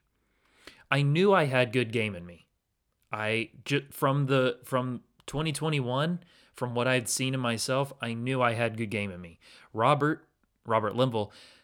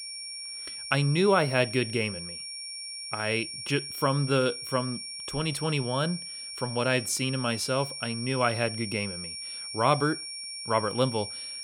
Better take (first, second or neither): first